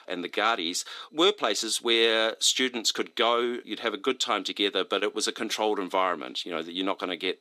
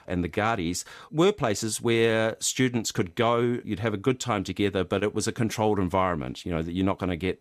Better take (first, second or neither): second